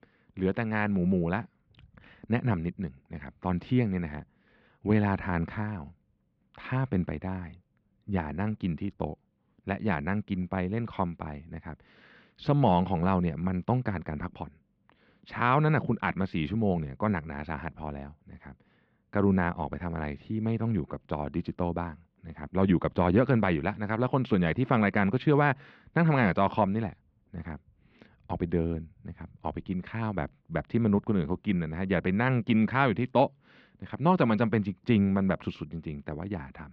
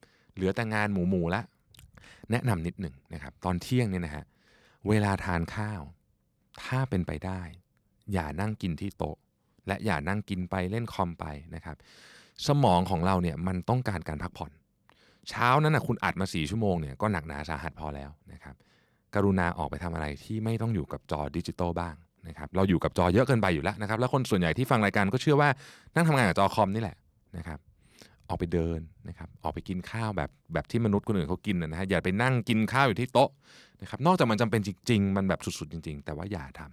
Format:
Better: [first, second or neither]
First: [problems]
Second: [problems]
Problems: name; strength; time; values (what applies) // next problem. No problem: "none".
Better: second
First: muffled; slightly; fading above 3 kHz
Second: none